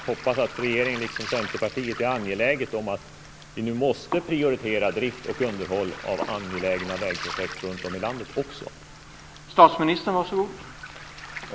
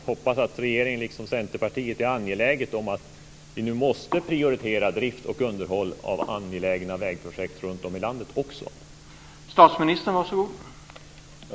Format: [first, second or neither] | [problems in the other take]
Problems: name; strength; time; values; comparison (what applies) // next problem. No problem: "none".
second | background sound (Waves, surf); 13 dB below the speech